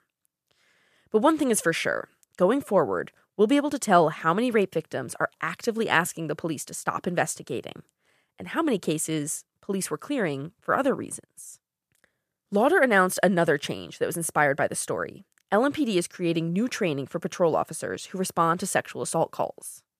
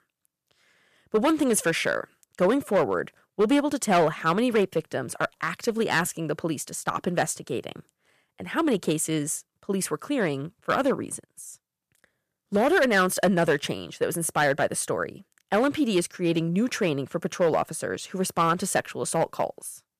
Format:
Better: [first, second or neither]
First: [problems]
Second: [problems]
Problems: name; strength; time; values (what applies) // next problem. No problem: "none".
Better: first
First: none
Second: distortion; slight; 3% of the sound clipped